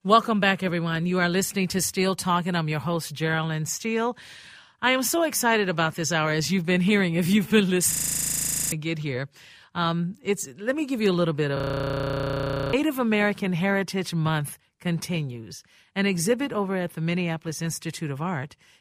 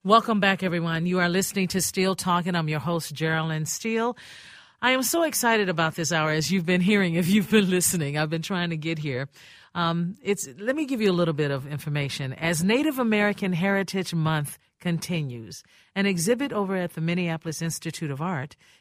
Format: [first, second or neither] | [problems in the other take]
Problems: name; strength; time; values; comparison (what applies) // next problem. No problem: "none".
second | audio freezing; at 8 s for 1 s and at 12 s for 1 s